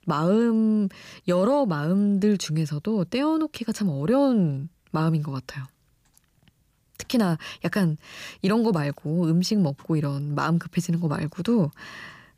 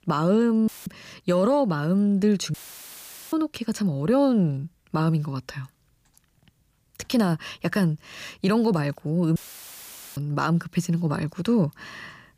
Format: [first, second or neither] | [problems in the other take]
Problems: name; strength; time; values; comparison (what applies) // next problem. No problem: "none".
first | audio cutting out; filled with static; at 0.5 s, at 2.5 s for 1 s and at 9.5 s for 1 s